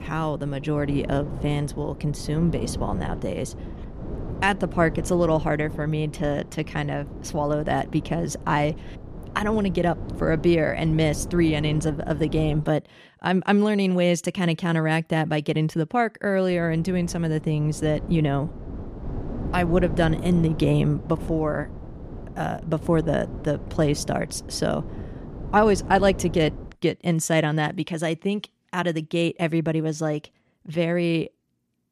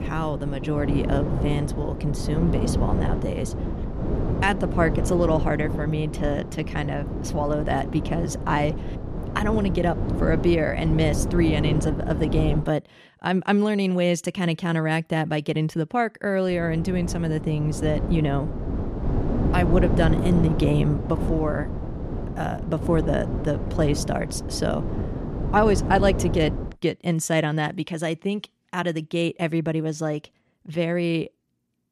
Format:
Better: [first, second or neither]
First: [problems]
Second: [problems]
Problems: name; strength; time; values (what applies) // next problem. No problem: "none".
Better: first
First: wind noise on the microphone; occasional gusts; until 13 s and from 17 to 27 s; 15 dB below the speech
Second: wind noise on the microphone; heavy; until 13 s and from 17 to 27 s; 7 dB below the speech